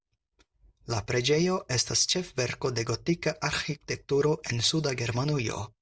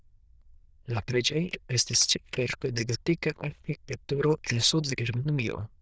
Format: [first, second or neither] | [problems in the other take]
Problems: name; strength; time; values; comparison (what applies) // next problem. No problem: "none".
first | noise reduction (neural diffusion model UNIVERSE++)